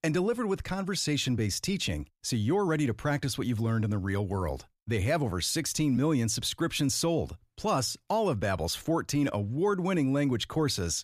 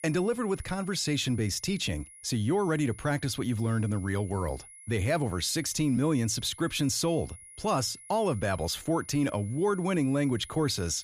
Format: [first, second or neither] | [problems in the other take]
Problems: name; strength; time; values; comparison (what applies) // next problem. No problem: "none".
first | high-pitched whine; noticeable; throughout; 10.5 kHz, 20 dB below the speech